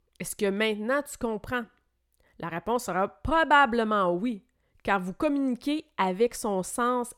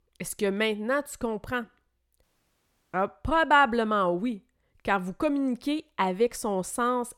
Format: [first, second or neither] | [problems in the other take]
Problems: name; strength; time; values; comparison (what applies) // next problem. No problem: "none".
first | audio cutting out; at 2 s for 0.5 s